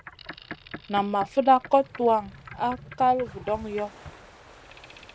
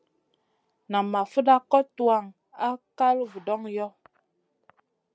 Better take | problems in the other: second | background sound (Boat, Water vehicle); 17 dB below the speech

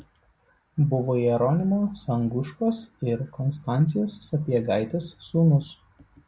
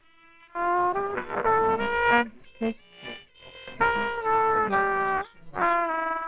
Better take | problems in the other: first | noise reduction (neural separator model SepFormer WHAMR!)

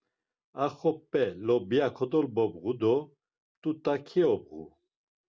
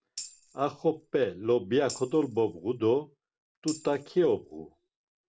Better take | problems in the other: first | background sound (Tambourine); 17 dB below the speech

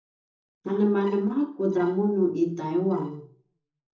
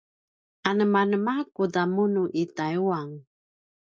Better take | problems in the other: second | noise reduction (neural separator model SepFormer DNS4)

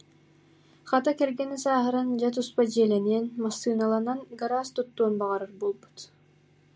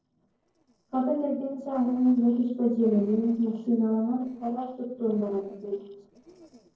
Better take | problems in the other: first | noise reduction (neural separator model SepFormer DNS4)

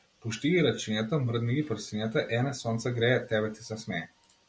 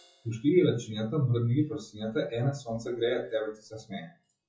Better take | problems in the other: first | noise reduction (classical method WPE with log-MMSE)

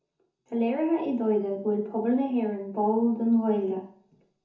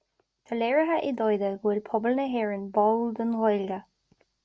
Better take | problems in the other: second | room echo; dies away in 0.6 s

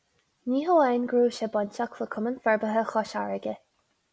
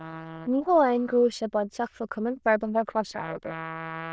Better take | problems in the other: first | noise reduction (neural diffusion model UNIVERSE++)

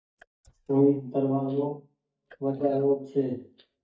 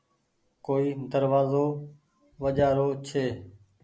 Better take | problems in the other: second | noise reduction (neural mask model DeepFilterNet 3)

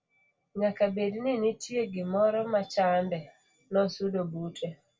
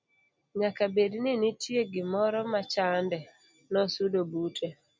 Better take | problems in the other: second | room echo; dies away in 0.2 s

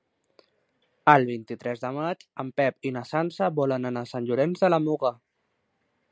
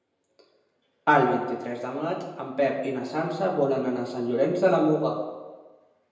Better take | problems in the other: first | room echo; dies away in 1 s

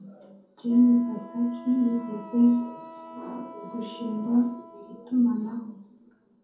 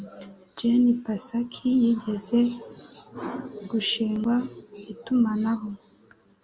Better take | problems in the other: second | background sound (Wind instrument, woodwind instrument); 19 dB below the speech // room echo; dies away in 0.6 s

